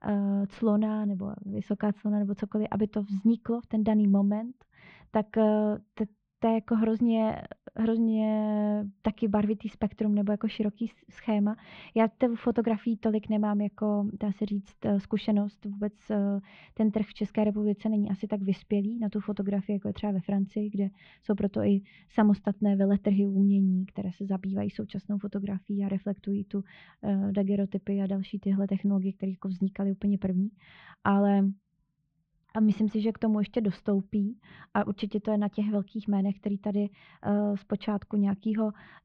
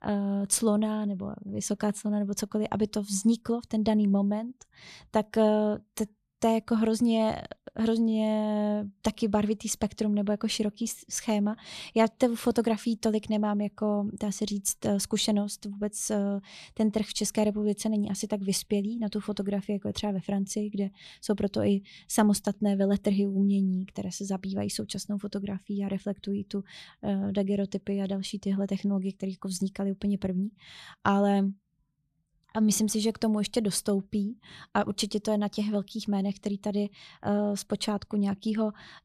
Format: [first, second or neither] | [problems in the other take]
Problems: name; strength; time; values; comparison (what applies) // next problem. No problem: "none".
second | muffled; very; fading above 2.5 kHz